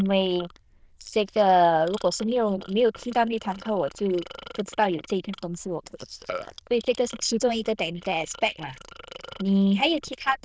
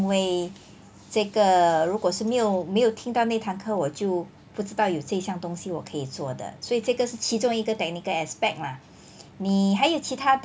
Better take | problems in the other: second | noise reduction (neural diffusion model UNIVERSE++)

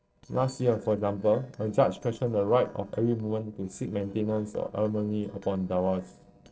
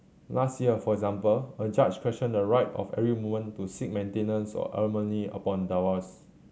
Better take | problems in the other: second | noise reduction (neural separator model SepFormer DNS4)

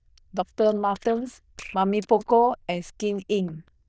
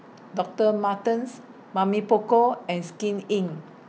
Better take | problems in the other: second | noise reduction (neural diffusion model UNIVERSE++)

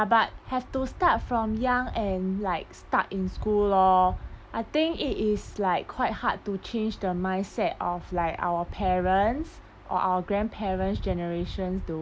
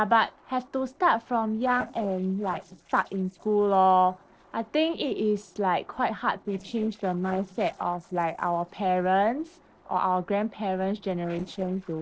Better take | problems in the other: first | noise reduction (neural separator model SepFormer DNS4)

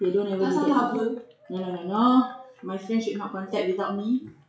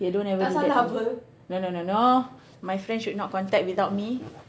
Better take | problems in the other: second | noise reduction (classical method WPE with log-MMSE)

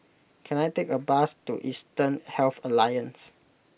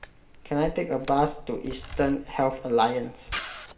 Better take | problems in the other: first | background sound (Camera); 12 dB below the speech // room echo; dies away in 1.9 s

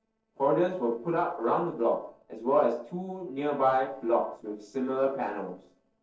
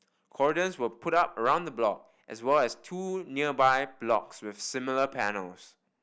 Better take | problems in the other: second | noise reduction (neural separator model SepFormer DNS4)

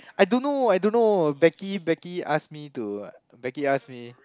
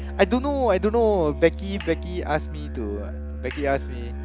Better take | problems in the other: first | background sound (Musical instrument); 7 dB below the speech

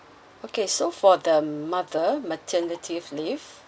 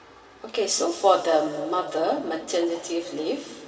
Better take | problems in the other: first | room echo; dies away in 2.5 s

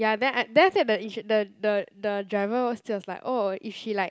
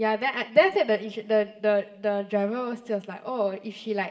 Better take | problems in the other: first | room echo; dies away in 2 s

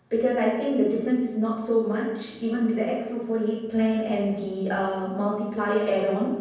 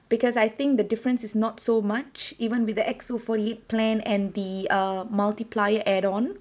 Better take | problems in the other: second | room echo; dies away in 1.1 s

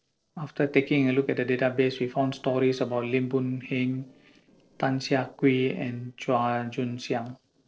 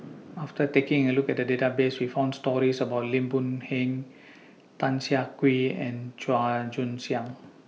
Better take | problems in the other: second | noise reduction (neural separator model SepFormer DNS4)

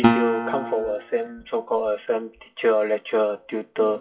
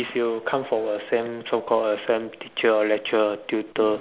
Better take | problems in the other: second | noise reduction (classical method WPE with log-MMSE)

